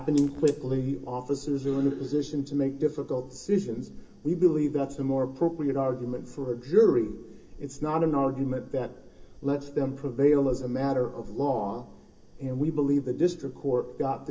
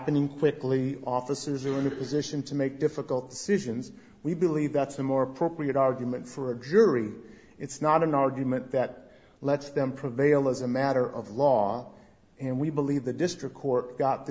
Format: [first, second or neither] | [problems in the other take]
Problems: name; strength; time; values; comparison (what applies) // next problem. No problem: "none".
second | background sound (Fire); 19 dB below the speech // room echo; dies away in 0.2 s